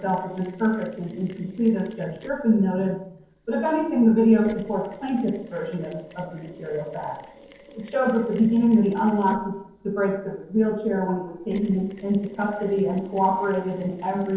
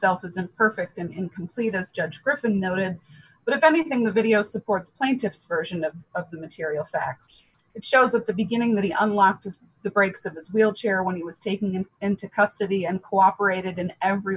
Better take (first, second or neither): second